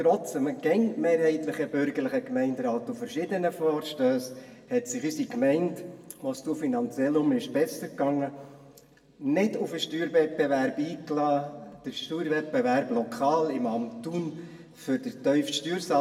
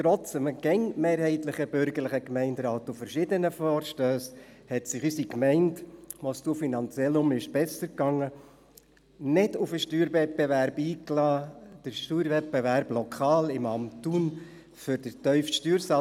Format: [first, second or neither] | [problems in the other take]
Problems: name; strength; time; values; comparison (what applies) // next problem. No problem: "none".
second | room echo; dies away in 1 s